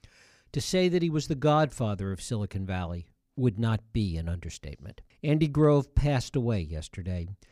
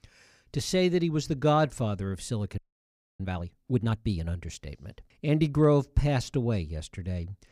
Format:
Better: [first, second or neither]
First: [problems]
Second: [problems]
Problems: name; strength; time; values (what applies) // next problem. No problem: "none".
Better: first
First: none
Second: audio freezing; at 2.5 s for 0.5 s